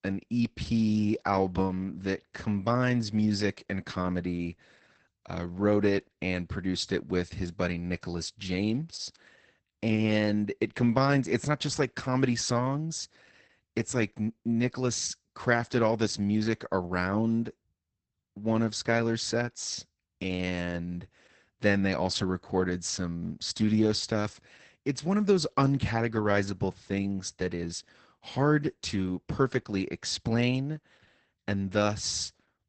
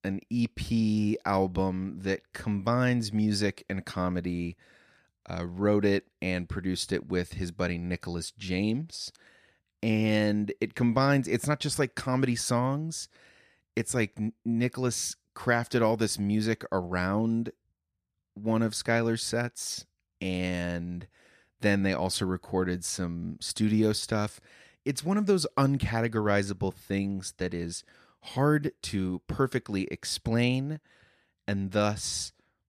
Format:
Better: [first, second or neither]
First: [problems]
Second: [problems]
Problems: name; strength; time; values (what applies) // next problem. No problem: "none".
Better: second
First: garbled, watery; badly; nothing above 8 kHz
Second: none